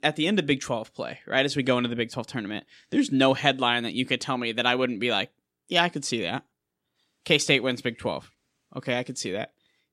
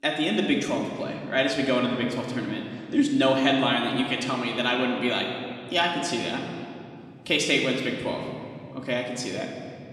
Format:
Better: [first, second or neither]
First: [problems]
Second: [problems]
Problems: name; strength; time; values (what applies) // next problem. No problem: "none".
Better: first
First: none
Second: room echo; noticeable; dies away in 2.1 s // off-mic speech; somewhat distant